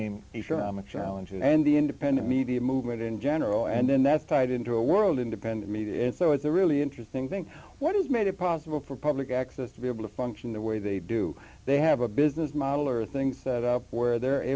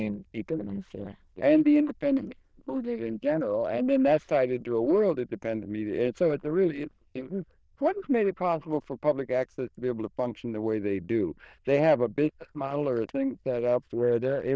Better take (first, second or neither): first